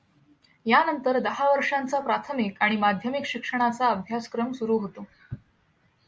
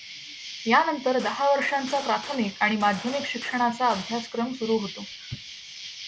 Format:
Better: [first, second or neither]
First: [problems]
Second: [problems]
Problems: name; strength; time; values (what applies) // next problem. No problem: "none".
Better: first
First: none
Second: background sound (Gunshot, gunfire + Insect); 13 dB below the speech